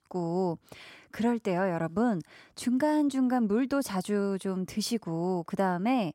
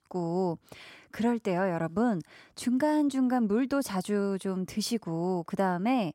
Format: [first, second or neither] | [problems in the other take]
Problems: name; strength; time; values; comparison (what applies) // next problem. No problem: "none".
neither | none